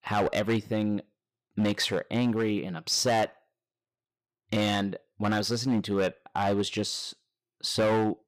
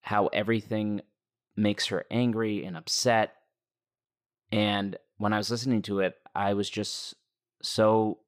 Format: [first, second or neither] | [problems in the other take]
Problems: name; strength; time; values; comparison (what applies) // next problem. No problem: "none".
second | distortion; slight; 7% of the sound clipped